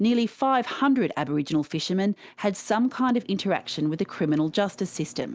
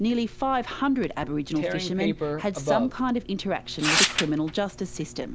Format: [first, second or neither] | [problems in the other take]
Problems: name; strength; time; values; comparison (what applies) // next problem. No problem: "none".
first | background sound (Tearing); 3 dB below the speech